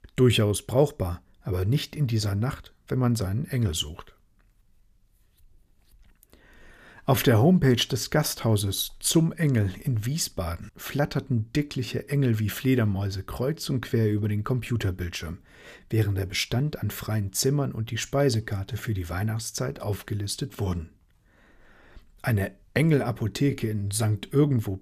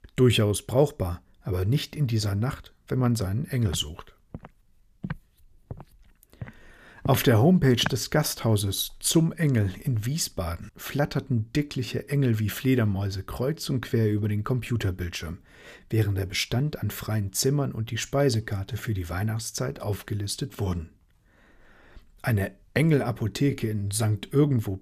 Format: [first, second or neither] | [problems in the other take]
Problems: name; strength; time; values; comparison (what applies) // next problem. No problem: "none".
first | footsteps; noticeable; from 3 to 8 s; peak 8 dB below the speech